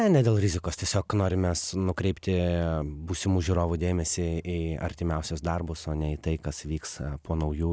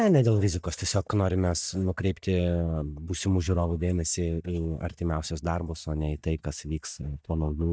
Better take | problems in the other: first | noise reduction (neural mask model DeepFilterNet 3)

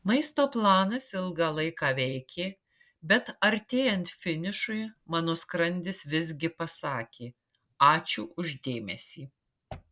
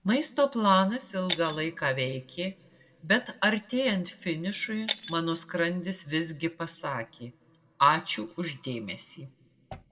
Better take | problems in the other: first | background sound (Shatter); 14 dB below the speech // room echo; dies away in 2.2 s

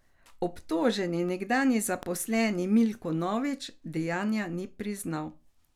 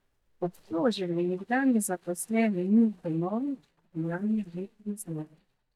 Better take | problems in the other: first | noise reduction (neural mask model DeepFilterNet 3)

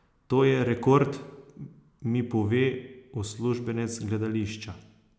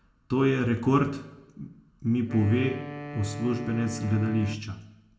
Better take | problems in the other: first | background sound (Wind instrument, woodwind instrument); 12 dB below the speech // room echo; dies away in 0.2 s

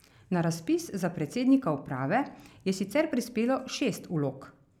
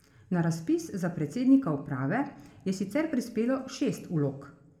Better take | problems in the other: first | room echo; dies away in 0.6 s

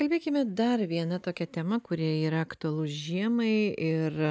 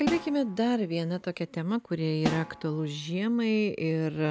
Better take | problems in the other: first | background sound (Snare drum); 11 dB below the speech

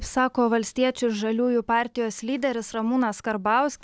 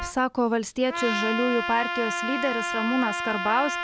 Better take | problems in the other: first | background sound (Trumpet); 4 dB below the speech

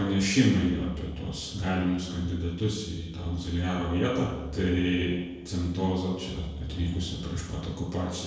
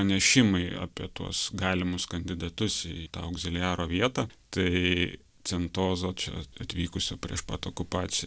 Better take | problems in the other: second | noise reduction (neural separator model SepFormer DNS4)

